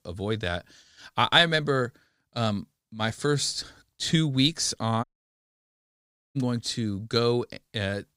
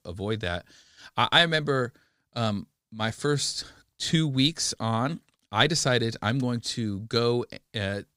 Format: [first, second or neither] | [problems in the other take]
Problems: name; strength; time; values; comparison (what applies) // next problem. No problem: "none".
second | audio cutting out; at 5 s for 1.5 s